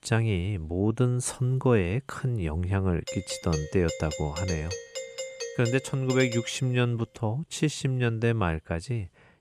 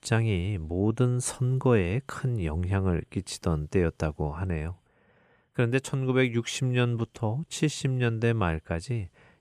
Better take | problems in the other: second | doorbell; noticeable; from 3 to 6.5 s; peak 7 dB below the speech

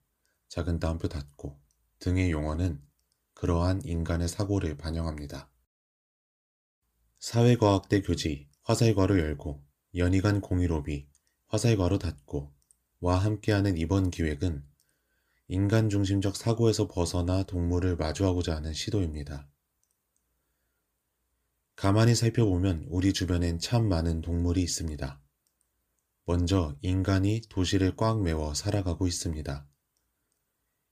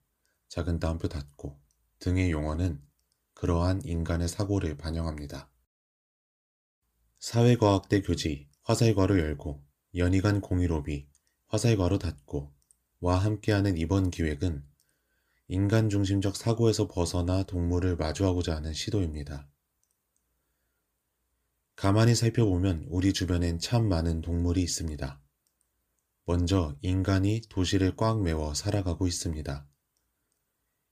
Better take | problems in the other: neither | none

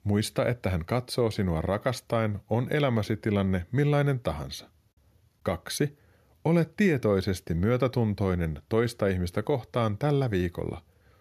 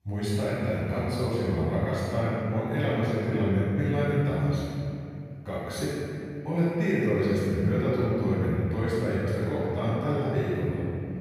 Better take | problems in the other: first | off-mic speech; far // room echo; strong; dies away in 2.9 s

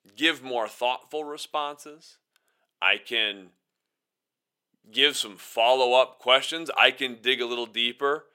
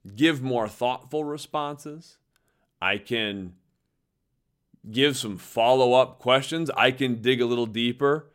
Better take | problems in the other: second | thin; somewhat; fading below 500 Hz

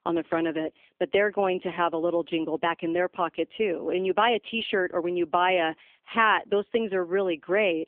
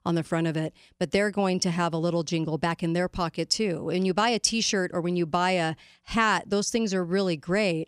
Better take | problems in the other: second | phone-call audio; poor line; nothing above 3 kHz

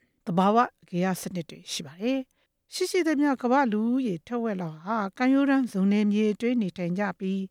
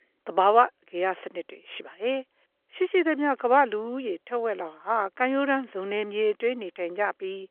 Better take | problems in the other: first | phone-call audio

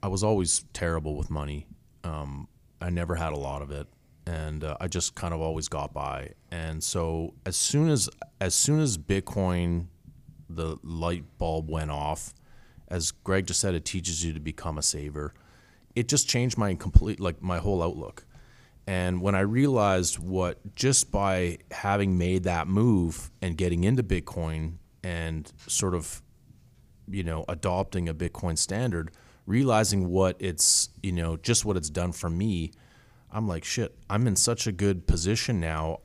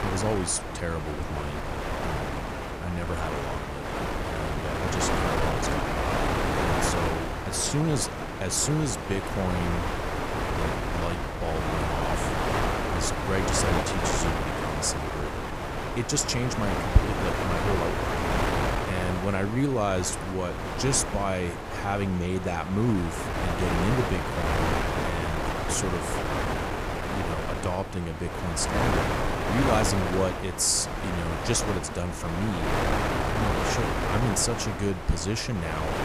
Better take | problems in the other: first | wind noise on the microphone; heavy; 2 dB above the speech

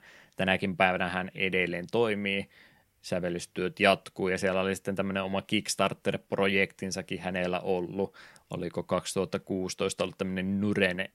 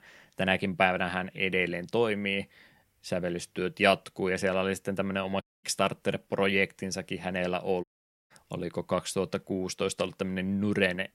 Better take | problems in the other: first | audio cutting out; at 5.5 s and at 8 s

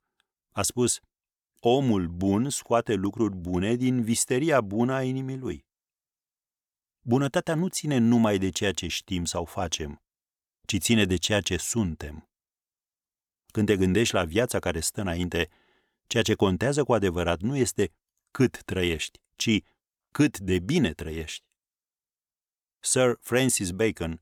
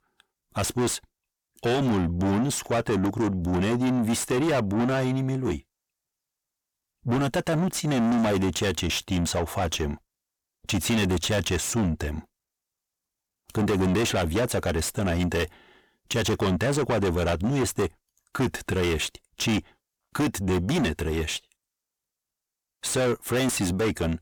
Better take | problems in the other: first | distortion; heavy; 5 dB below the speech

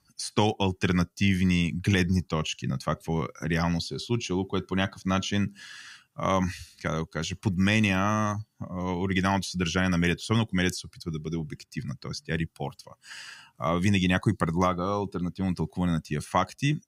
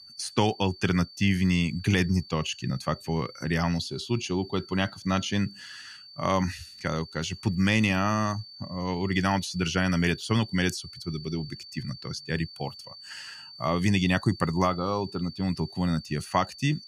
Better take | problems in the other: first | high-pitched whine; noticeable; throughout; 4.5 kHz, 15 dB below the speech

